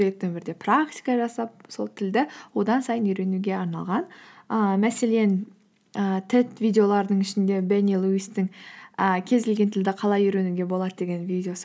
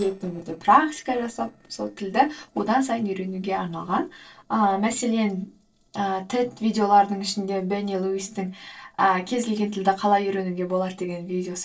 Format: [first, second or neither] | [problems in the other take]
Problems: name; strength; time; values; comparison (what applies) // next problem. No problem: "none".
first | noise reduction (neural separator model SepFormer DNS4)